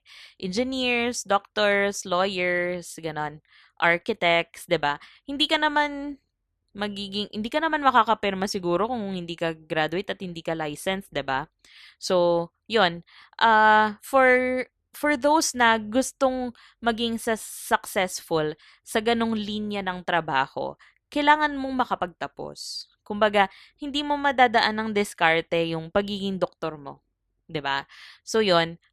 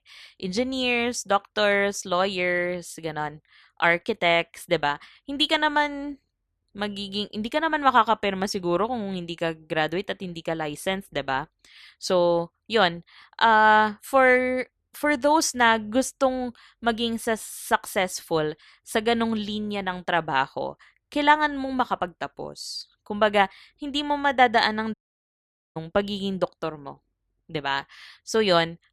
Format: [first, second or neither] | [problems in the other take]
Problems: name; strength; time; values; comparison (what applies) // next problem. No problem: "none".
first | audio cutting out; at 25 s for 1 s